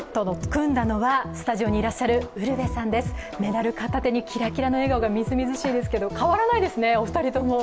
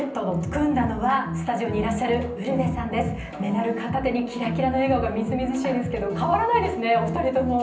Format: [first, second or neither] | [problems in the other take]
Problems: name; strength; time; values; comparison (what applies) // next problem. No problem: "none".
first | room echo; dies away in 0.6 s